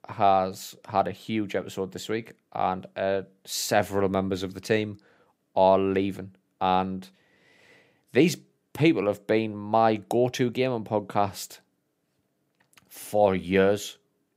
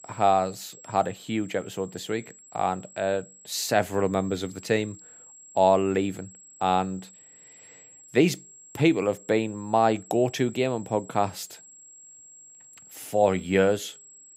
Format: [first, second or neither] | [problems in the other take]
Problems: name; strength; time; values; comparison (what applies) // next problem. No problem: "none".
first | high-pitched whine; faint; throughout; 7.5 kHz, 20 dB below the speech